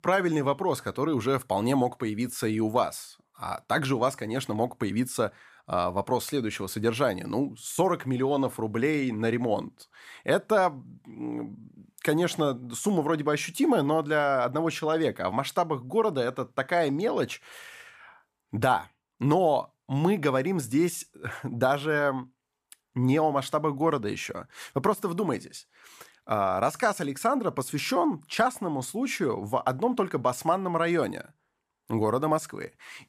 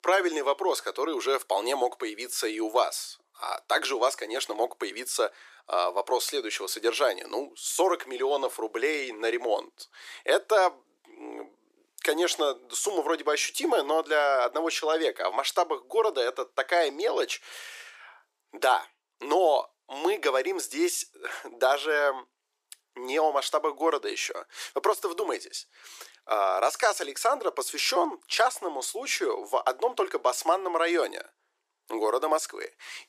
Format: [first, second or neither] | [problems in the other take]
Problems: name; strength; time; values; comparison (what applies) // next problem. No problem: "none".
first | thin; very; fading below 350 Hz